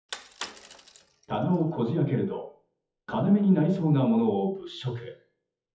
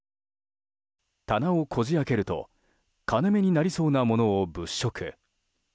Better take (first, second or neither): second